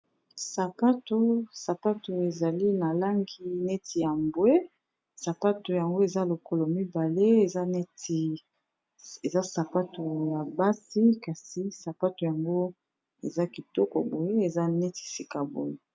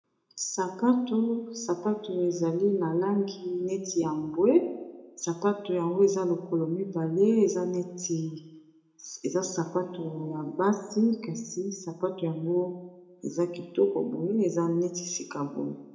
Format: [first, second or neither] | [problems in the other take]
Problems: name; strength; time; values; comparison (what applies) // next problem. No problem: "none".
first | room echo; dies away in 0.5 s